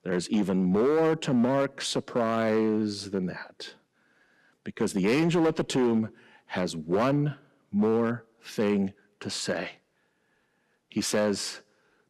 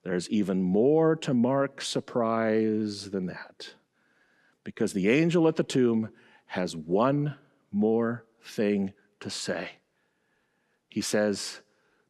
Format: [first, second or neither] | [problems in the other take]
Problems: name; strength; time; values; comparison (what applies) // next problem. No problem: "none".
second | distortion; slight; 6% of the sound clipped